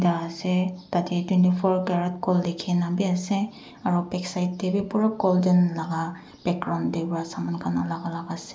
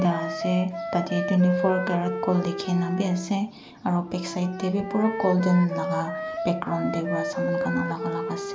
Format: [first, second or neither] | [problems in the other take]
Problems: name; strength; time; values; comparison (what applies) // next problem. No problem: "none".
first | background sound (Wind instrument, woodwind instrument); 6 dB below the speech